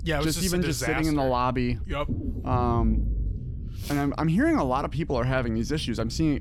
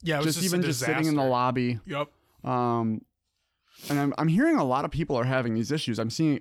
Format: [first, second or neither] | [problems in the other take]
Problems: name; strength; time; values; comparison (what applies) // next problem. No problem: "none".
second | low rumble; noticeable; throughout; 20 dB below the speech